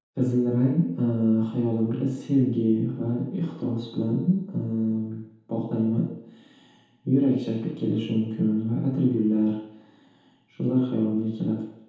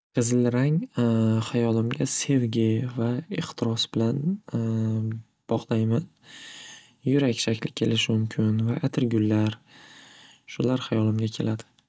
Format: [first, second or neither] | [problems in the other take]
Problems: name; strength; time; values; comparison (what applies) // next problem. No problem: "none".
second | room echo; dies away in 0.8 s